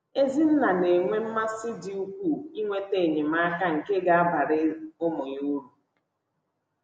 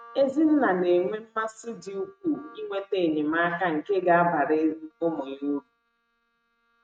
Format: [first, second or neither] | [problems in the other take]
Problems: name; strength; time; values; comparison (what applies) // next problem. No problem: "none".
first | noise reduction (neural mask model RNNoise)